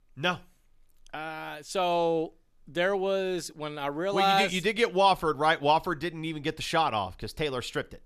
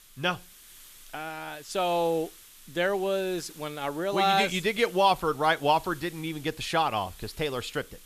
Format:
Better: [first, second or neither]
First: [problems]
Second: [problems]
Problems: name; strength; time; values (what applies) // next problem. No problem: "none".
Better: first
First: none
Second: hiss; faint; throughout; 20 dB below the speech